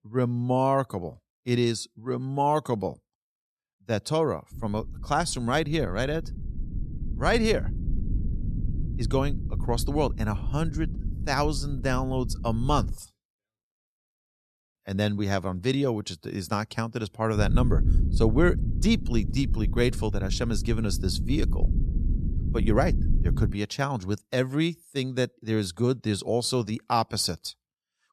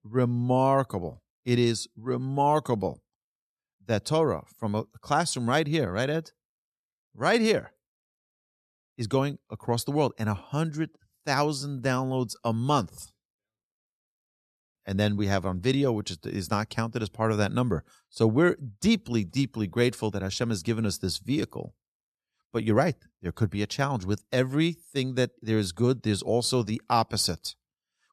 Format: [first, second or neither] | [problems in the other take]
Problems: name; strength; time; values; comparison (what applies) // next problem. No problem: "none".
second | low rumble; noticeable; from 4.5 to 13 s and from 17 to 24 s; 15 dB below the speech